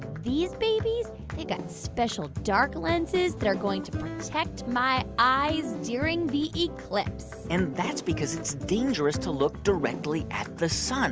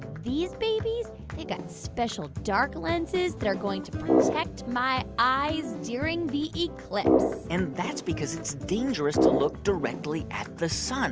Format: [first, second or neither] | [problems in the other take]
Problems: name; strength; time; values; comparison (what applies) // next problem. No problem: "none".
first | background sound (Brass instrument); 1 dB above the speech